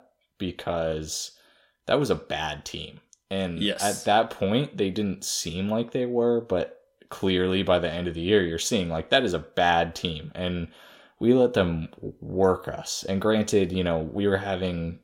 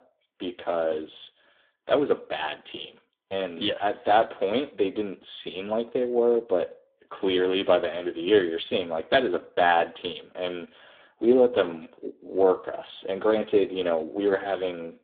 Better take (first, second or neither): first